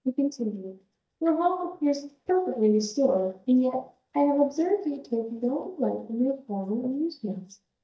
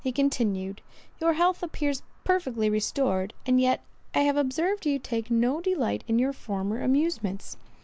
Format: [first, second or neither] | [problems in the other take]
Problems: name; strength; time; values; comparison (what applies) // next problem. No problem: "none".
second | noise reduction (neural mask model DeepFilterNet 3)